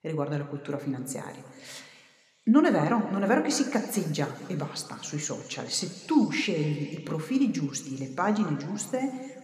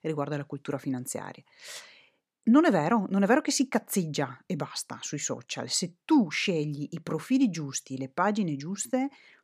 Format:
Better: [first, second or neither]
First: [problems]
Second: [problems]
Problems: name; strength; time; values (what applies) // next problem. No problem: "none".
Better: second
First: room echo; very slight; dies away in 2.2 s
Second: none